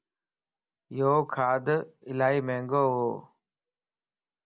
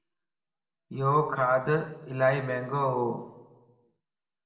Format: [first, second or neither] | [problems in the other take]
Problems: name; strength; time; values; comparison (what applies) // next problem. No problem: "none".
first | room echo; dies away in 0.8 s